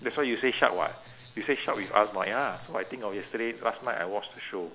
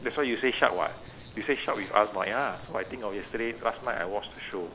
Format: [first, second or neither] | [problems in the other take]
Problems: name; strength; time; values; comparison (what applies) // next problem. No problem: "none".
first | background sound (Stream + Fire); 18 dB below the speech